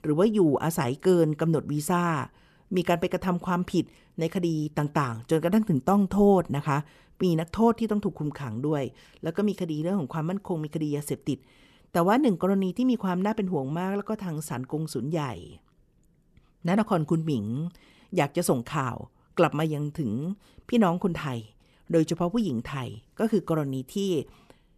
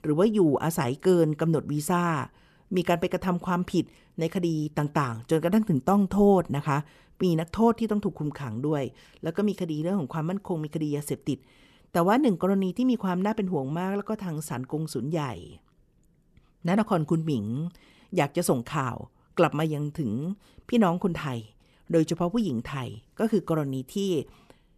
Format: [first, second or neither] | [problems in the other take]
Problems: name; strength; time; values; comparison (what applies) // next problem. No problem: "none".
neither | none